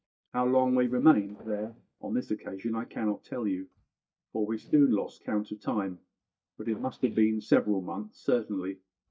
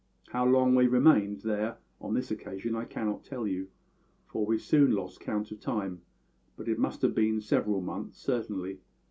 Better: second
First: noise reduction (neural mask model DeepFilterNet 3)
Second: none

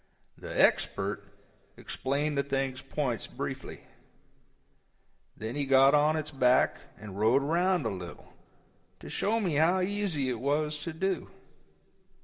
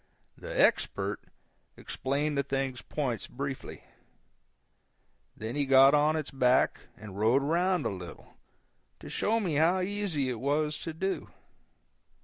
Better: second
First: room echo; dies away in 0.7 s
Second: none

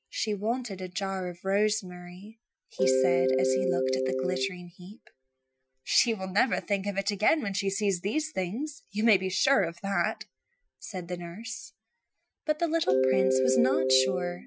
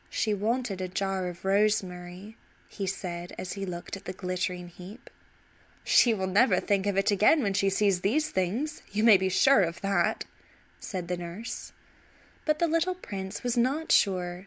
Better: second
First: noise reduction (classical method Wiener filter)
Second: none

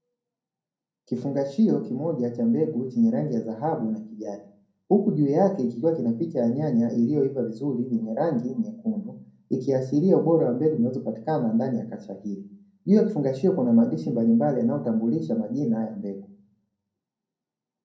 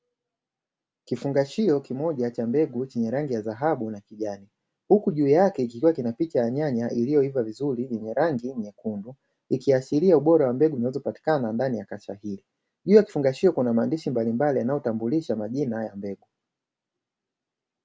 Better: second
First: room echo; dies away in 0.6 s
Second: none

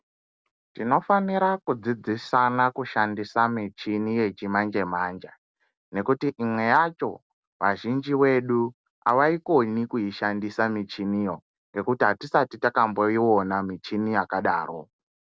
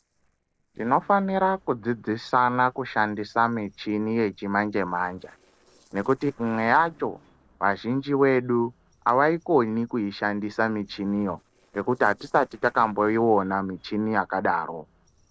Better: first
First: none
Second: noise reduction (neural separator model SepFormer DNS4)

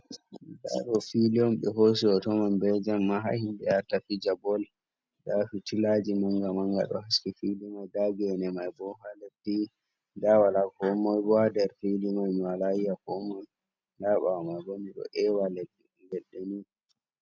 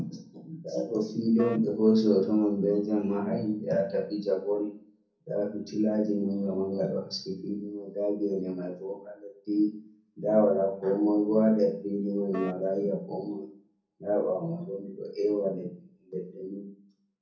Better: first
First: none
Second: background sound (Wind instrument, woodwind instrument); 14 dB below the speech // room echo; dies away in 0.6 s

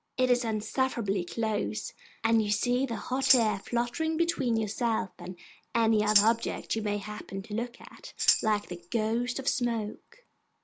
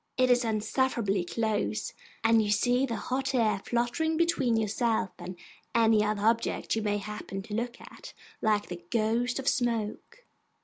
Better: second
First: background sound (Tambourine); 5 dB below the speech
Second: none

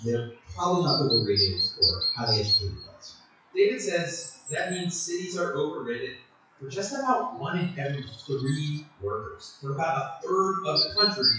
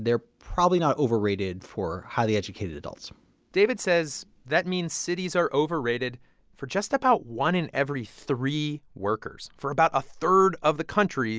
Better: second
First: noise reduction (classical method WPE with log-MMSE)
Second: none

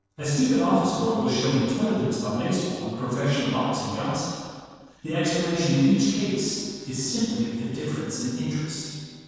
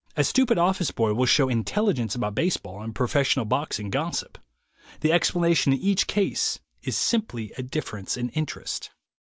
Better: second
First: noise reduction (neural separator model SepFormer DNS4)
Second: none

